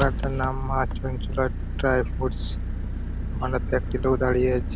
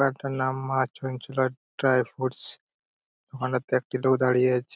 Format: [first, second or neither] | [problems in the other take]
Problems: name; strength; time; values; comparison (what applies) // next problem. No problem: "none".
second | background sound (Engine); 1 dB below the speech